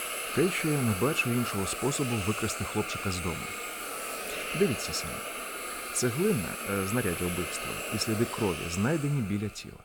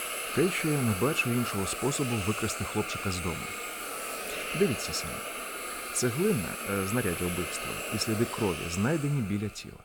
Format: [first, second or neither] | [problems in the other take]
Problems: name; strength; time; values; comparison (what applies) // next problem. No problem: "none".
neither | hiss; loud; throughout; 4 dB below the speech; the same in both